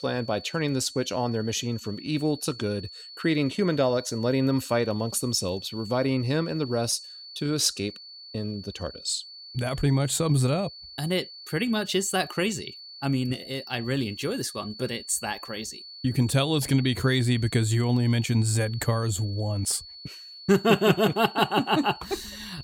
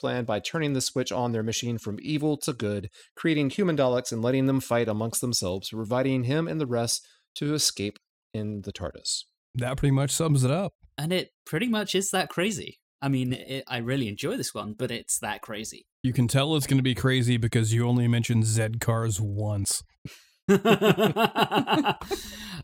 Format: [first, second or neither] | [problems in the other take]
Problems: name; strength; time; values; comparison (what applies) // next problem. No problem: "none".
second | high-pitched whine; noticeable; throughout; 4.5 kHz, 15 dB below the speech